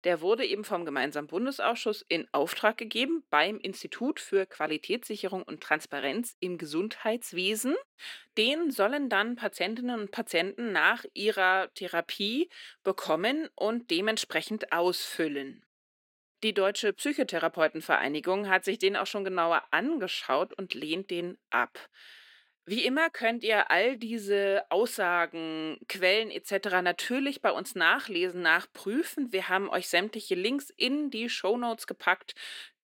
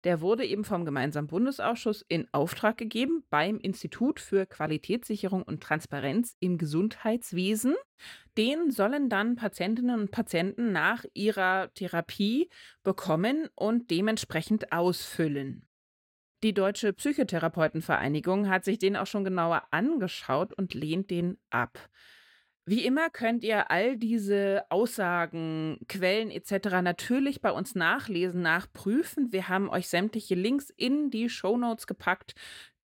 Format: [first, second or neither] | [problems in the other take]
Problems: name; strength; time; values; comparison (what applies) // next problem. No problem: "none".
second | thin; somewhat; fading below 300 Hz